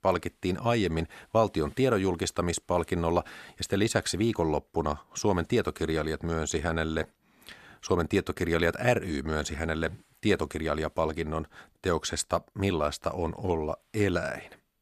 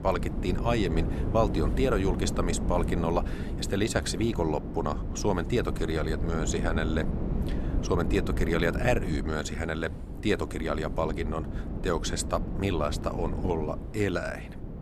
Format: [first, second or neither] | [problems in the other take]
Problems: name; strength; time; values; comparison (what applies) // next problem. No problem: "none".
first | wind noise on the microphone; heavy; 10 dB below the speech